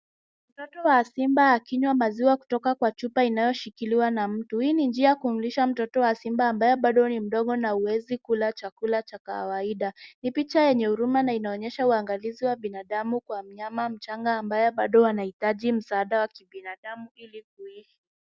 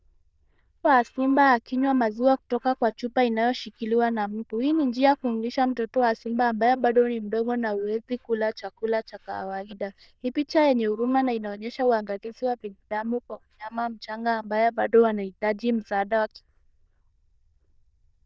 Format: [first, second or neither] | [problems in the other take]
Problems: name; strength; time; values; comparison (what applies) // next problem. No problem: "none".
first | noise reduction (neural diffusion model UNIVERSE++)